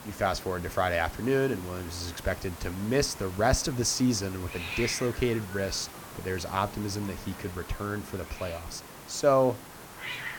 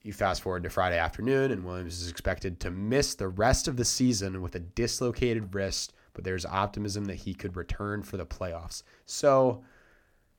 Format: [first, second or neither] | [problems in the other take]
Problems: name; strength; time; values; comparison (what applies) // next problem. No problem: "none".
second | hiss; noticeable; throughout; 10 dB below the speech